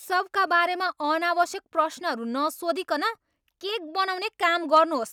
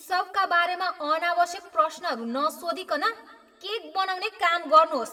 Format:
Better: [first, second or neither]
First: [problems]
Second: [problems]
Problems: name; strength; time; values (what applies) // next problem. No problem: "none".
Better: first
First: none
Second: room echo; dies away in 1.4 s